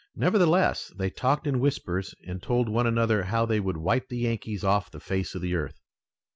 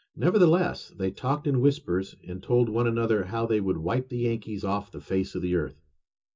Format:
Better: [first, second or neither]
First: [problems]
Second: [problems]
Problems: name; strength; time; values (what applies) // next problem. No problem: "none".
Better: first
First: none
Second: room echo; dies away in 0.2 s